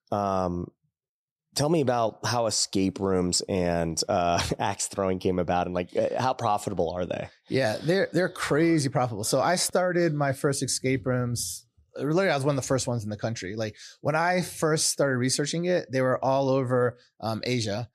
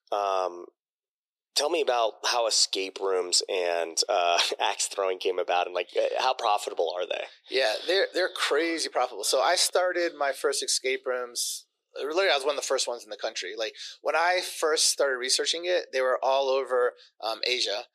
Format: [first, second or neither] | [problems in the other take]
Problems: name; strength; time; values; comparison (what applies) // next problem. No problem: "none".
first | thin; very; fading below 400 Hz